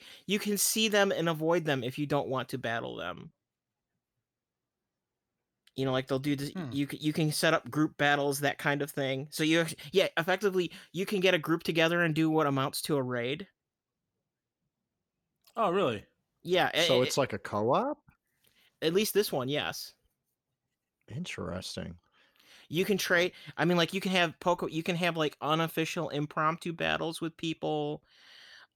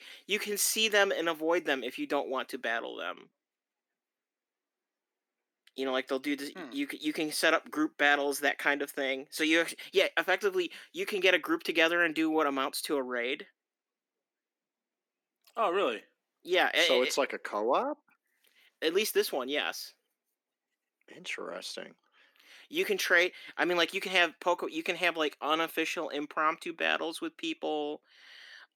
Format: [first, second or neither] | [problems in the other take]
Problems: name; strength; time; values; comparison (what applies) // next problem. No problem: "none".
first | thin; somewhat; fading below 250 Hz